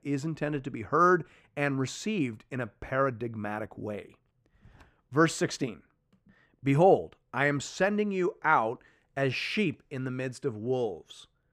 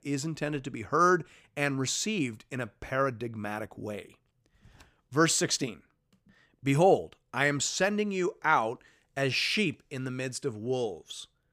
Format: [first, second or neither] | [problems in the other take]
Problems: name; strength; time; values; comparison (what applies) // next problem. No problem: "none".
second | muffled; slightly; fading above 3 kHz